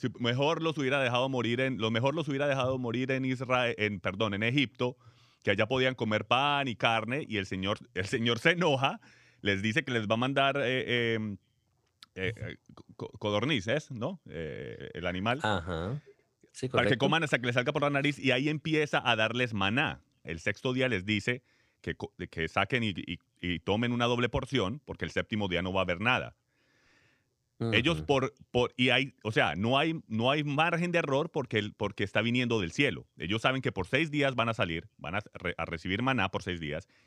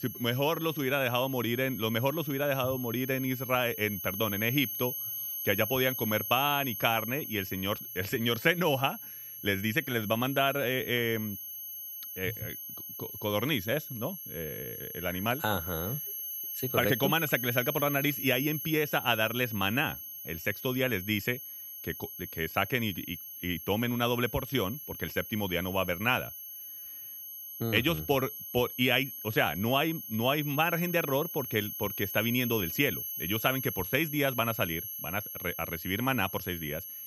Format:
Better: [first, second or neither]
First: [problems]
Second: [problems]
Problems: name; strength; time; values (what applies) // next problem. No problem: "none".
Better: first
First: none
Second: high-pitched whine; loud; throughout; 11.5 kHz, 7 dB below the speech